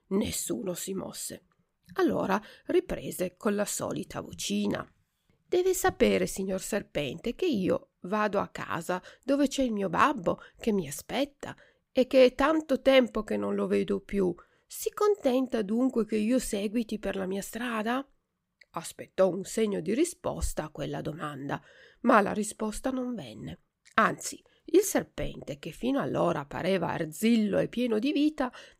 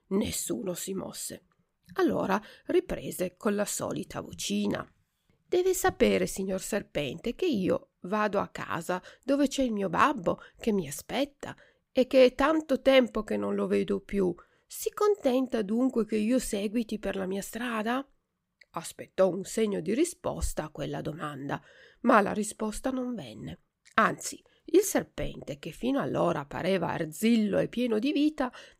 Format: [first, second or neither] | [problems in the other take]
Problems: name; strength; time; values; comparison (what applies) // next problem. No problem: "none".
neither | none